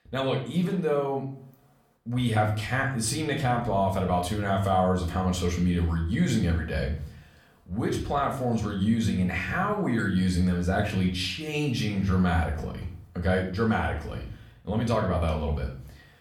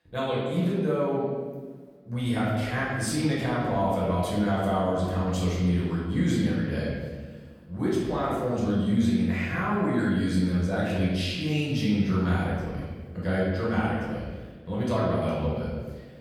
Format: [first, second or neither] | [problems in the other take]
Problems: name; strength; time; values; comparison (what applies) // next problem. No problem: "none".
first | room echo; strong; dies away in 1.4 s; slight in the first // off-mic speech; far; somewhat distant in the first